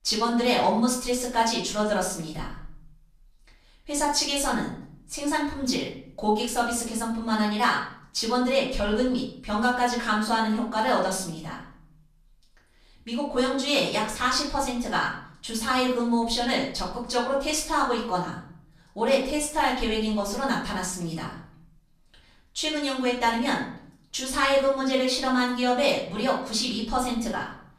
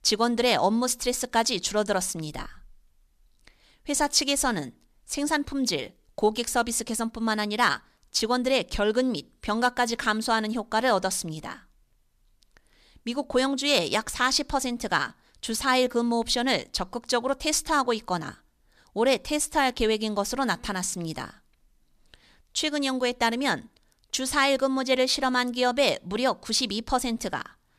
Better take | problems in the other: second | room echo; noticeable; dies away in 0.6 s // off-mic speech; far

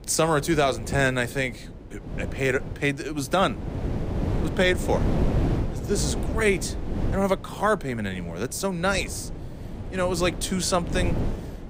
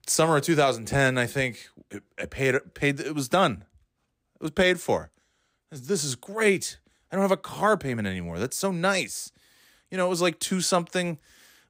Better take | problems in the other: second | wind noise on the microphone; occasional gusts; 10 dB below the speech

